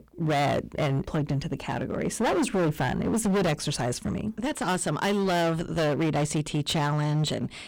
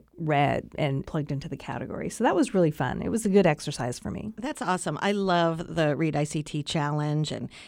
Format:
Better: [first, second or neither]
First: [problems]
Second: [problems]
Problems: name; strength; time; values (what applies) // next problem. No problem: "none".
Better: second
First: distortion; heavy; 19% of the sound clipped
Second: none